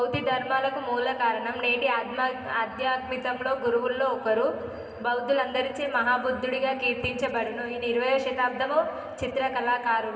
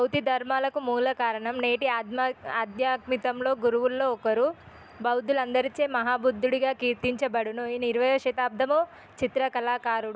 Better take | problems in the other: second | room echo; dies away in 2.9 s

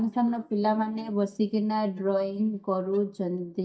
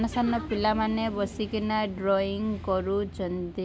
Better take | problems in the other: second | noise reduction (neural mask model DeepFilterNet 3)

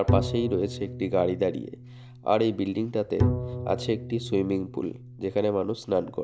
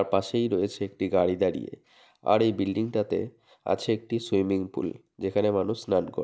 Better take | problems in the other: second | background sound (Bowed string instrument); 5 dB below the speech

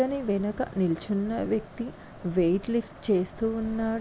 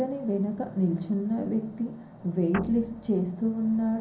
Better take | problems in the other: first | background sound (Guitar); 12 dB below the speech // room echo; dies away in 0.6 s

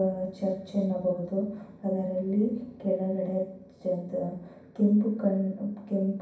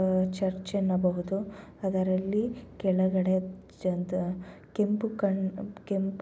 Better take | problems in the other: second | room echo; dies away in 0.6 s

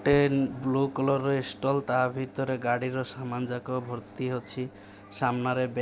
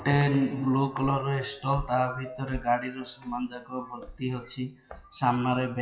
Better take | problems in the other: first | noise reduction (classical method WPE with log-MMSE)

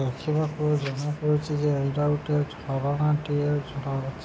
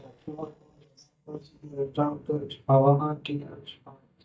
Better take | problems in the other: first | noise reduction (neural mask model DeepFilterNet 3)

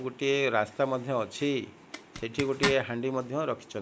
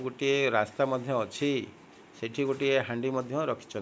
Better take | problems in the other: second | background sound (Zipper (clothing)); 6 dB below the speech

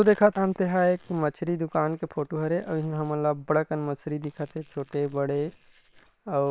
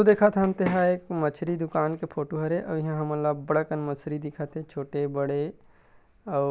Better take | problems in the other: second | noise reduction (neural separator model SepFormer WHAM!)

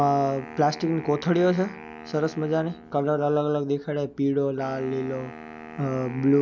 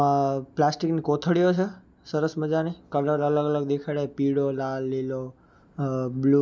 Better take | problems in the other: second | background sound (Wind instrument, woodwind instrument); 17 dB below the speech

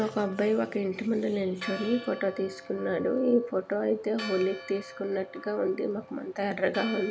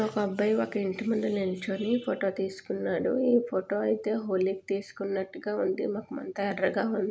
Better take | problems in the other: second | background sound (Church bell); 15 dB below the speech

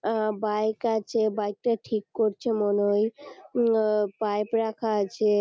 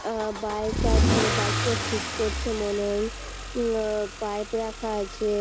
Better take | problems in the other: first | background sound (Engine starting / Accelerating, revving, vroom / Car); as loud as the speech

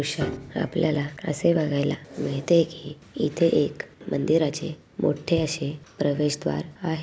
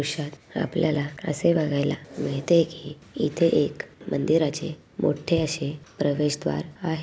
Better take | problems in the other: second | background sound (Piano); 12 dB below the speech

